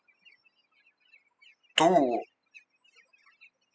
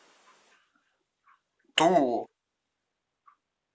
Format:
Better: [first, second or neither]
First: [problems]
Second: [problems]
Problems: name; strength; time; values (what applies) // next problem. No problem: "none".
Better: second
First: noise reduction (classical method spectral subtraction)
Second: none